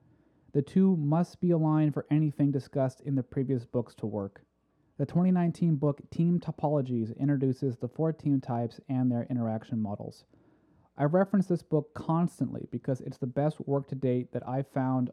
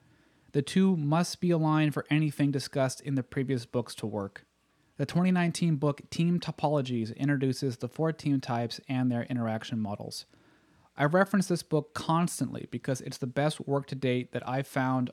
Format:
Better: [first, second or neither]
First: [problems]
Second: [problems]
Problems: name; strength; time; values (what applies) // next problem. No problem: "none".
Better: second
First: muffled; slightly; fading above 1.5 kHz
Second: none